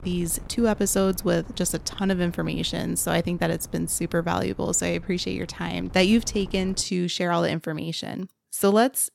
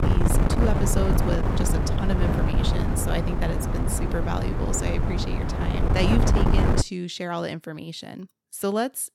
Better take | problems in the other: first | wind noise on the microphone; heavy; until 7 s; as loud as the speech; occasional gusts in the first

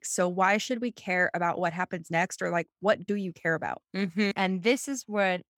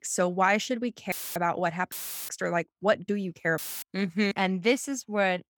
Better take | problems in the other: first | audio cutting out; filled with static; at 1 s, at 2 s and at 3.5 s

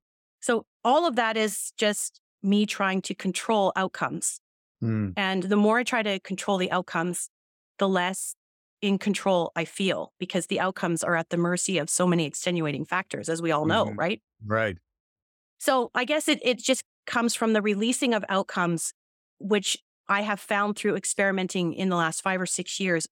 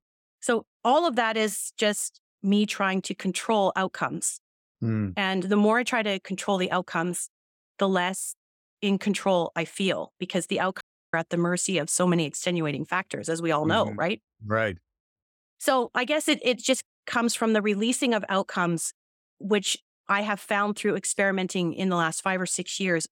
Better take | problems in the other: first | audio cutting out; at 11 s

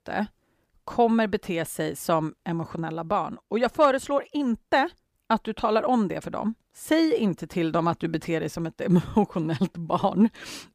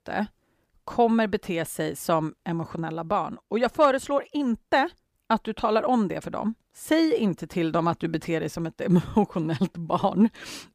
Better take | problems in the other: neither | none

